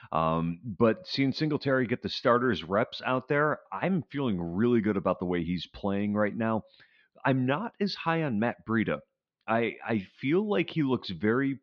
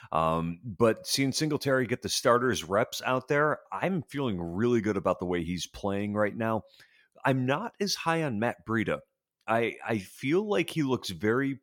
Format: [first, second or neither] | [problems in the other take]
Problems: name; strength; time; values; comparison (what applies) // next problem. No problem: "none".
second | muffled; very slightly; fading above 4 kHz